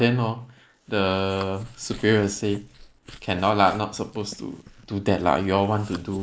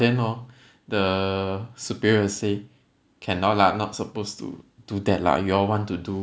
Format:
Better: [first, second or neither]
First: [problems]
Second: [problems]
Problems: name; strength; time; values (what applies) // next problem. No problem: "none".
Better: second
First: noise reduction (neural mask model Resemble Enhance denoiser)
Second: none